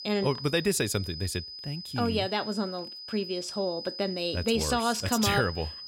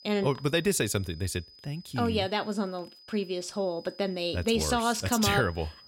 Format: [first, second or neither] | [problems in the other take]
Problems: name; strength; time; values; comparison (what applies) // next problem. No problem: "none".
second | high-pitched whine; loud; throughout; 5 kHz, 9 dB below the speech; faint in the second